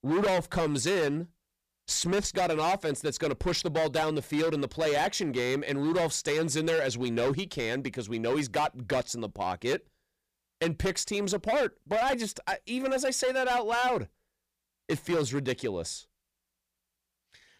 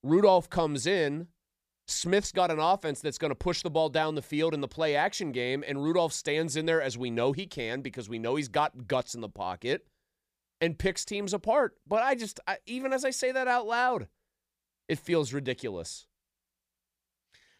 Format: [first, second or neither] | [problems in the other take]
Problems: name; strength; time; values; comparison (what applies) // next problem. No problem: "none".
second | distortion; heavy; 13% of the sound clipped